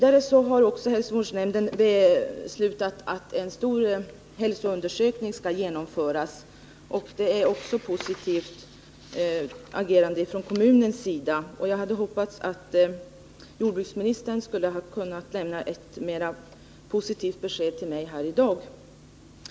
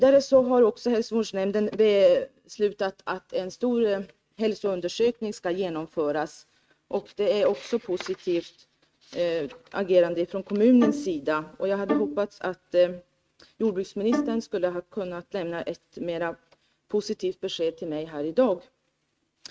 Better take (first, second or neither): first